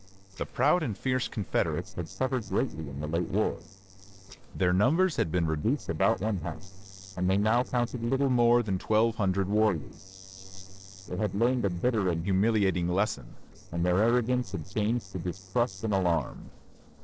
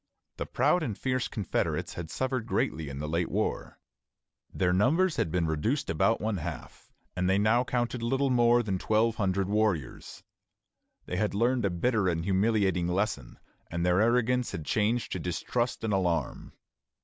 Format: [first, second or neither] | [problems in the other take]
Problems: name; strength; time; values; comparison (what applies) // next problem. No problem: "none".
second | noise reduction (neural separator model SepFormer DNS4)